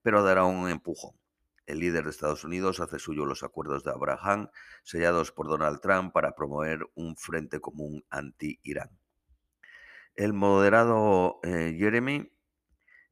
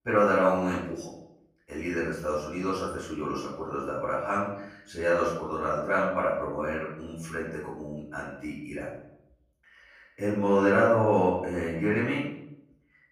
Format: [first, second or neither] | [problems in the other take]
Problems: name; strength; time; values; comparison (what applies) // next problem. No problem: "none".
first | off-mic speech; far // room echo; noticeable; dies away in 0.6 s